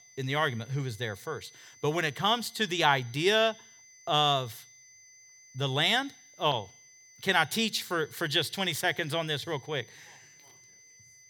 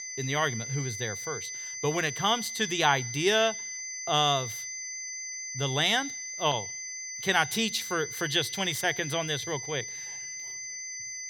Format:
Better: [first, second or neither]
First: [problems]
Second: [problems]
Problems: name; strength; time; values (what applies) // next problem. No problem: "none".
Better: first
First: high-pitched whine; faint; throughout; 6 kHz, 25 dB below the speech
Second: high-pitched whine; loud; throughout; 6 kHz, 7 dB below the speech